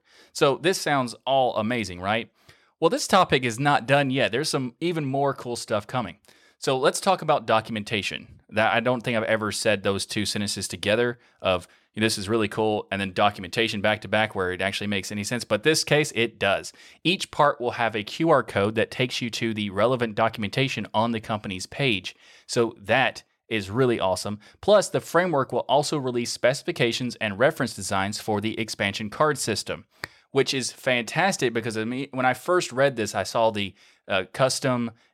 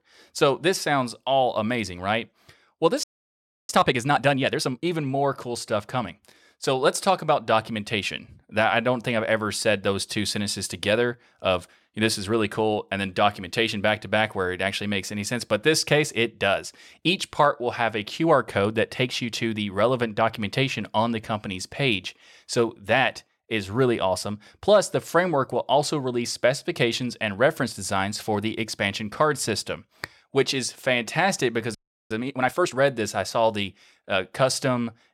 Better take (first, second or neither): first